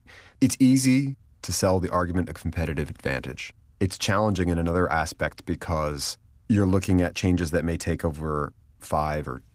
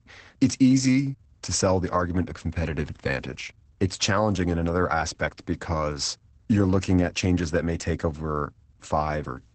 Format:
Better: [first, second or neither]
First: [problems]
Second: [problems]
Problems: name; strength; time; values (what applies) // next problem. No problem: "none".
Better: first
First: garbled, watery; slightly; nothing above 15.5 kHz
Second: garbled, watery; badly; nothing above 8 kHz